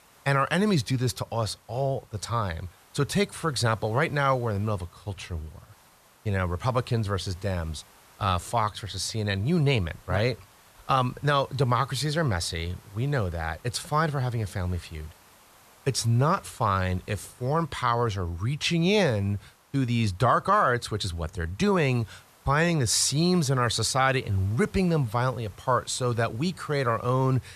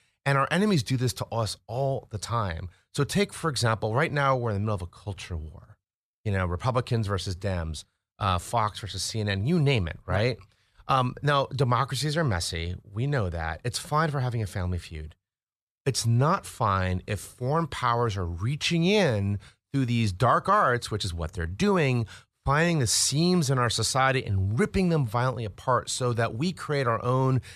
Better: second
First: hiss; faint; throughout; 30 dB below the speech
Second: none

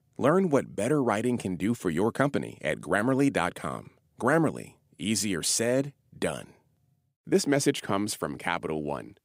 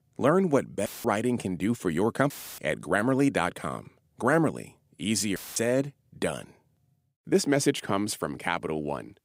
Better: first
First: none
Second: audio cutting out; filled with static; at 1 s, at 2.5 s and at 5.5 s

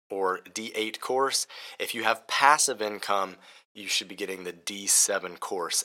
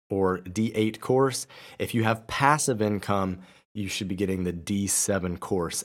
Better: second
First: thin; very; fading below 600 Hz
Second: none

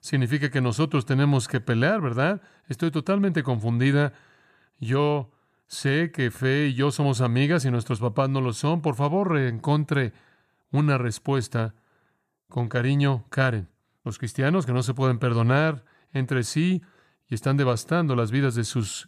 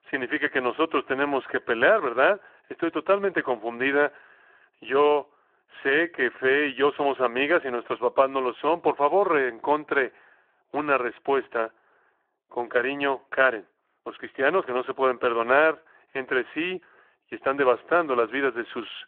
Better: first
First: none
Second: phone-call audio

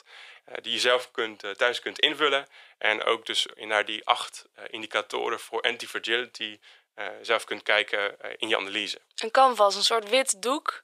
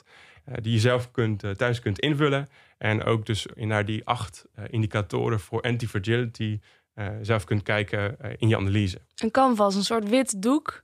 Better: second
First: thin; very; fading below 500 Hz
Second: none

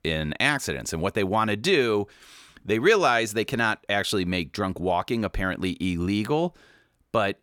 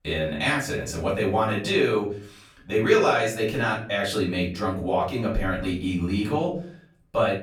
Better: first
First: none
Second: room echo; slight; dies away in 0.5 s // off-mic speech; far

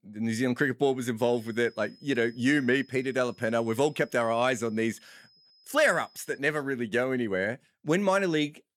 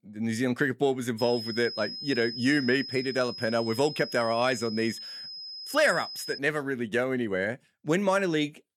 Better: first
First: high-pitched whine; faint; from 1 to 6.5 s; 5 kHz, 30 dB below the speech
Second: high-pitched whine; loud; from 1 to 6.5 s; 5 kHz, 9 dB below the speech

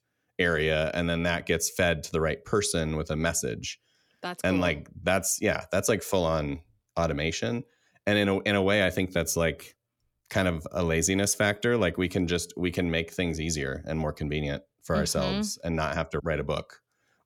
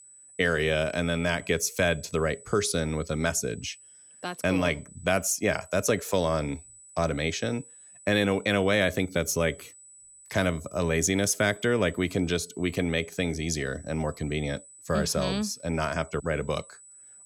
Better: first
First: none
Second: high-pitched whine; faint; throughout; 8 kHz, 20 dB below the speech

